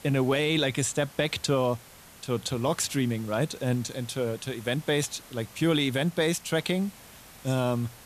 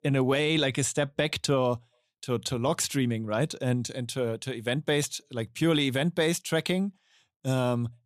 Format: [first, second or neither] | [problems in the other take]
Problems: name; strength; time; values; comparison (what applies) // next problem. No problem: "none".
second | hiss; faint; throughout; 20 dB below the speech